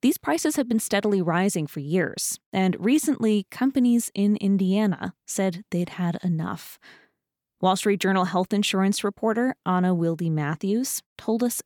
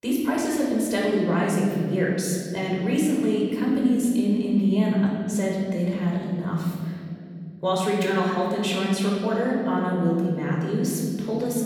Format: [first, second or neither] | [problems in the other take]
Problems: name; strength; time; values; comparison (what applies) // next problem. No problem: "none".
first | off-mic speech; far // room echo; noticeable; dies away in 2.8 s